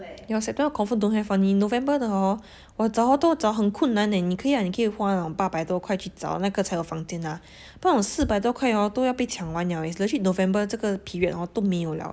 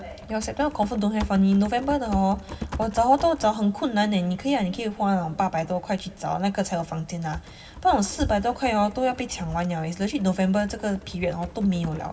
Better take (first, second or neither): first